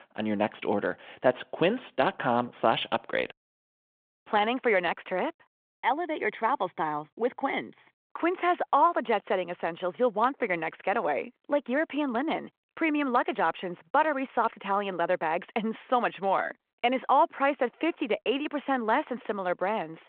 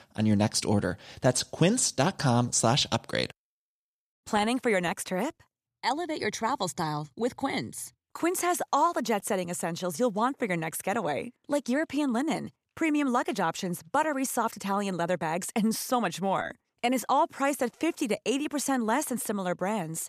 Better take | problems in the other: second | phone-call audio

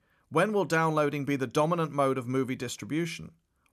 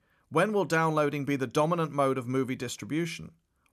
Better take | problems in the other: neither | none

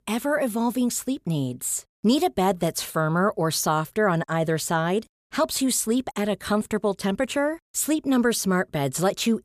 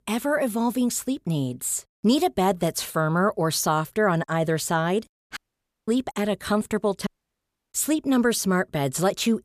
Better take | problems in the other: first | audio cutting out; at 5.5 s for 0.5 s and at 7 s for 0.5 s

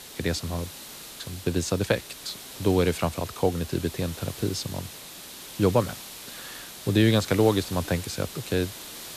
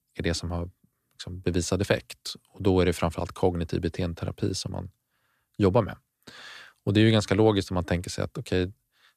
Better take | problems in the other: second | hiss; noticeable; throughout; 10 dB below the speech

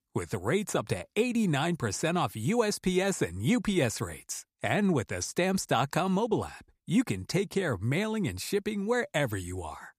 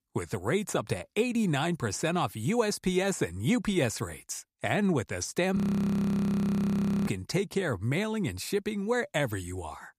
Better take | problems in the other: first | audio freezing; at 5.5 s for 1.5 s

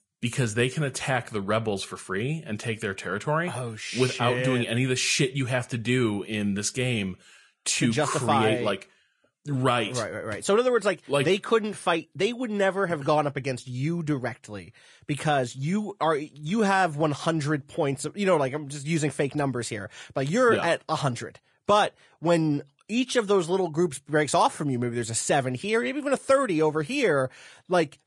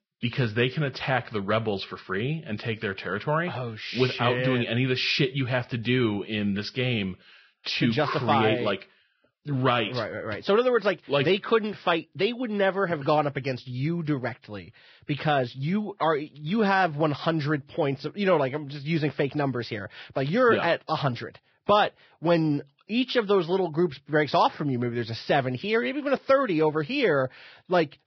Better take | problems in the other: first | garbled, watery; badly; nothing above 5.5 kHz; slightly in the first

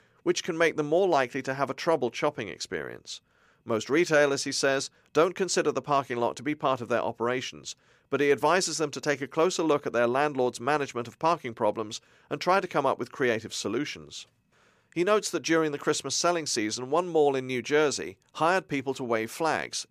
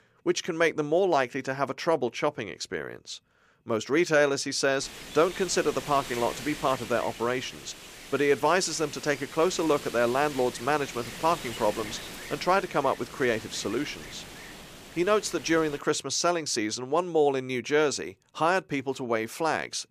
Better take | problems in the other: first | wind noise on the microphone; occasional gusts; from 5 to 16 s; 15 dB below the speech

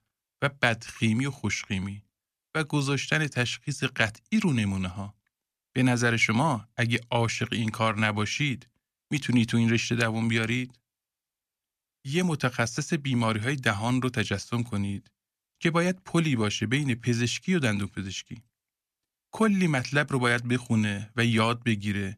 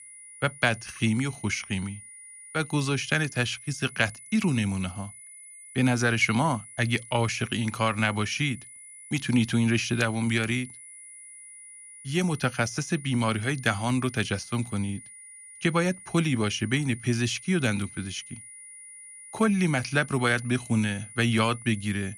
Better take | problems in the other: first | high-pitched whine; noticeable; throughout; 9.5 kHz, 15 dB below the speech

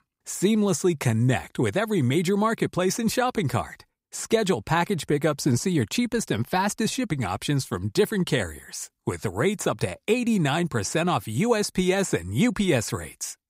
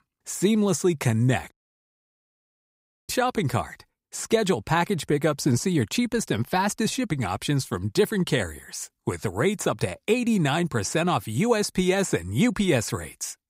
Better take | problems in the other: first | audio cutting out; at 1.5 s for 1.5 s

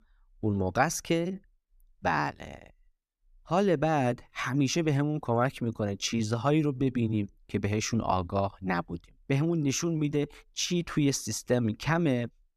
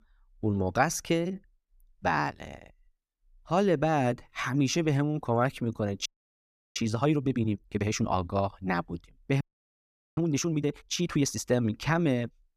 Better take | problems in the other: first | audio freezing; at 6 s for 0.5 s and at 9.5 s for 1 s

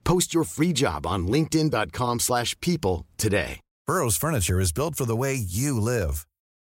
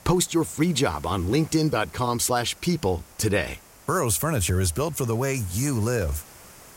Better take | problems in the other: first | hiss; faint; throughout; 25 dB below the speech

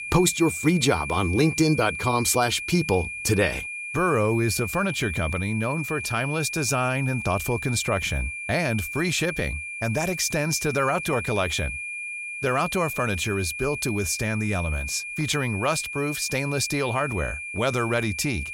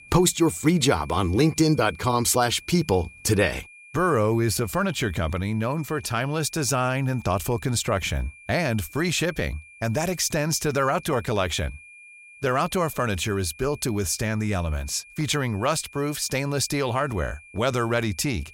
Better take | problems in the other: second | high-pitched whine; loud; throughout; 2.5 kHz, 6 dB below the speech; faint in the second

